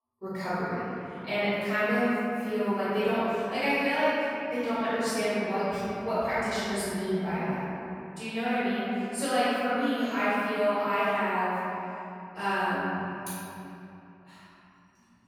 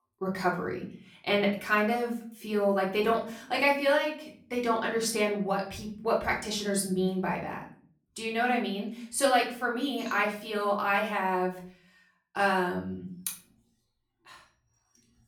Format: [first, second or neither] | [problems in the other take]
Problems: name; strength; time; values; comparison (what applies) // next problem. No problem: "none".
second | room echo; strong; dies away in 3 s; slight in the second // off-mic speech; far; far in the second